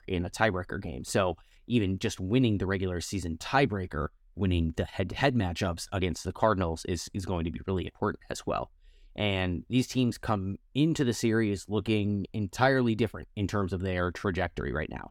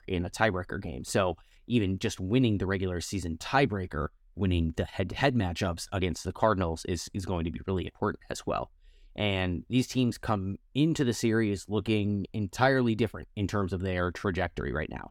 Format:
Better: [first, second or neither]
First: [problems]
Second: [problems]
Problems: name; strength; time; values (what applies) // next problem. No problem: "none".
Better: neither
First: none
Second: none